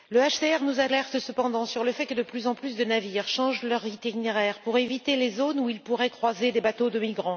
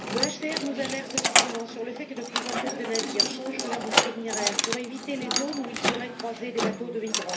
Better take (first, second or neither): first